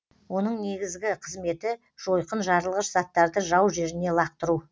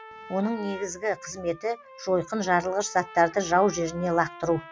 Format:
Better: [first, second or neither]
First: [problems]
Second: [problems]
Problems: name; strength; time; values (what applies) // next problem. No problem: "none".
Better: first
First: none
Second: background sound (Trumpet); 18 dB below the speech